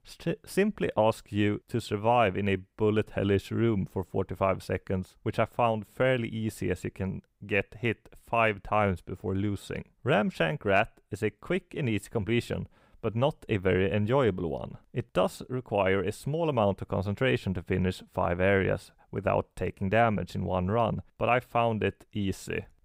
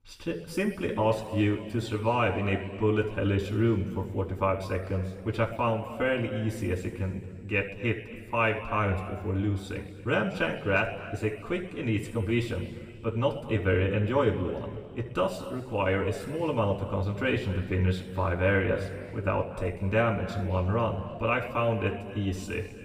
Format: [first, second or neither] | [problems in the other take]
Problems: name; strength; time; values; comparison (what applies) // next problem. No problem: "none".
first | room echo; noticeable; dies away in 1.8 s // off-mic speech; far